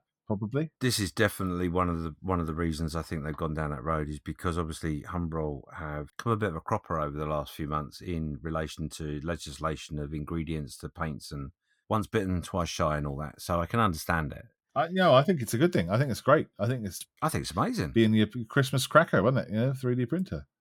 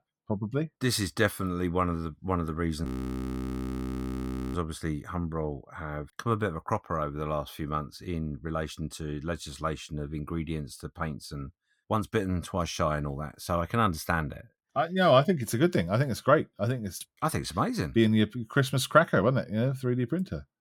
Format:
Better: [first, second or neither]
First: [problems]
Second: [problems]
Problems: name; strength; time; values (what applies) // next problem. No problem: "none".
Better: first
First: none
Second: audio freezing; at 3 s for 1.5 s